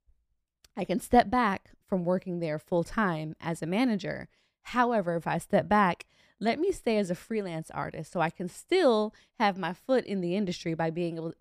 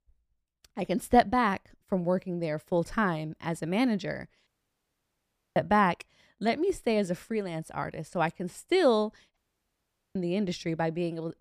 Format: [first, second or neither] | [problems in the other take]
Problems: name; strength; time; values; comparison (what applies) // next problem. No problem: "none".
first | audio cutting out; at 4.5 s for 1 s and at 9.5 s for 1 s